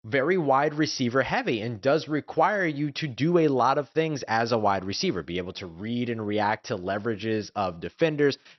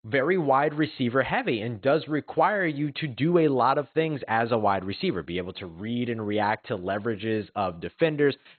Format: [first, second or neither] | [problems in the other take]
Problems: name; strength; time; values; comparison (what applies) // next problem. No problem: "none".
first | garbled, watery; badly; nothing above 4 kHz; slightly in the first